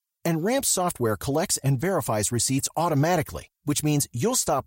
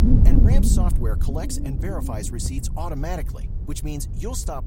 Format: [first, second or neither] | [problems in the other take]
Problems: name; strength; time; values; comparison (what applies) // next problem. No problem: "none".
first | wind noise on the microphone; heavy; 1 dB below the speech